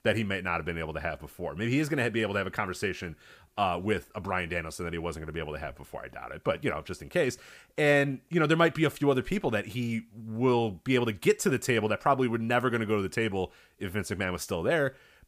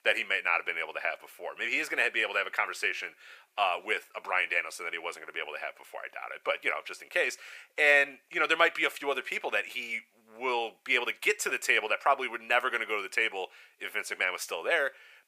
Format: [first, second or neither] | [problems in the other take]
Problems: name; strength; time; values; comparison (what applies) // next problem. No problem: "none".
first | thin; very; fading below 550 Hz